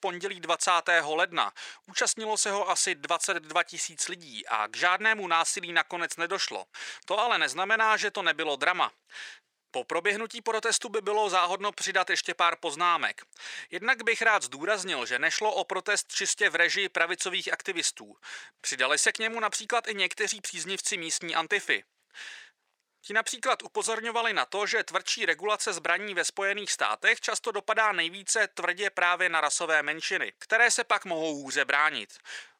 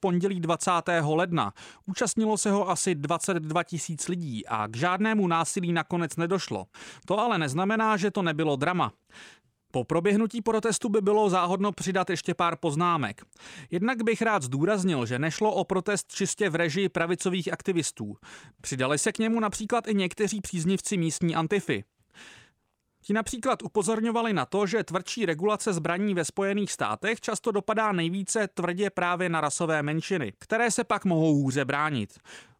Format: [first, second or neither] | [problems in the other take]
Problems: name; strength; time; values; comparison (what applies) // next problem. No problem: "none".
second | thin; very; fading below 600 Hz